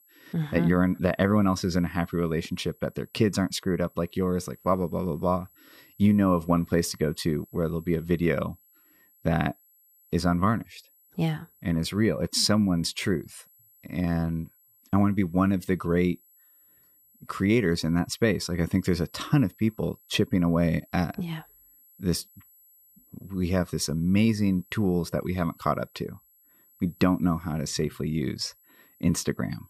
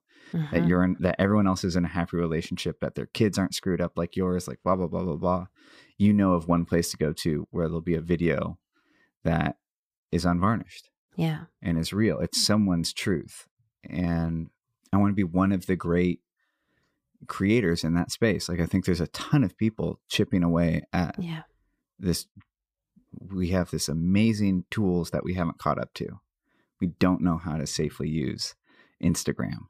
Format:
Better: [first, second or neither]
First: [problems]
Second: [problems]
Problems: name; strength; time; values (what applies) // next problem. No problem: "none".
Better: second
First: high-pitched whine; faint; throughout; 11.5 kHz, 30 dB below the speech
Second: none